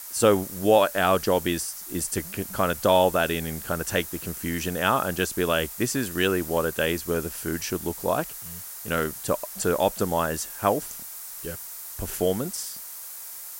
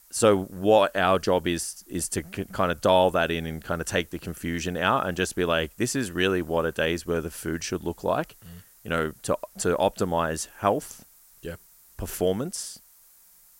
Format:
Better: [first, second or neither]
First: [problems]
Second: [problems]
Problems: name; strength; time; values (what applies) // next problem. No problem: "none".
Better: second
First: hiss; loud; throughout; 10 dB below the speech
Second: hiss; faint; throughout; 25 dB below the speech